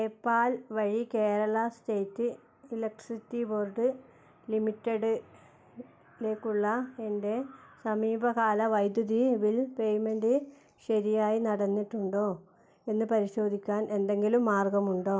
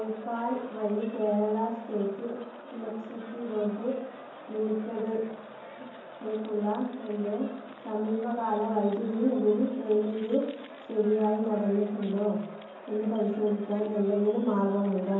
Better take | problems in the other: first | background sound (Crowd); 16 dB below the speech // room echo; dies away in 1.2 s

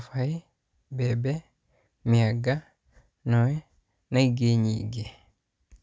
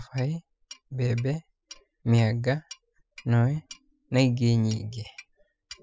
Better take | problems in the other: first | noise reduction (classical method spectral subtraction)

